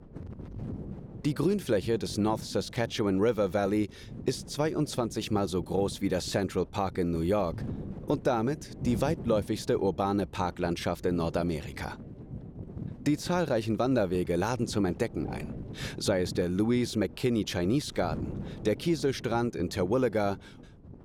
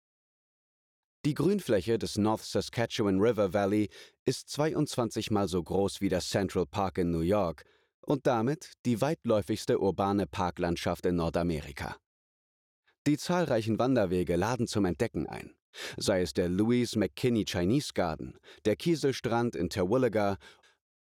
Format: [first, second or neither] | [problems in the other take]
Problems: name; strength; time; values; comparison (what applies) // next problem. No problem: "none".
second | wind noise on the microphone; occasional gusts; 20 dB below the speech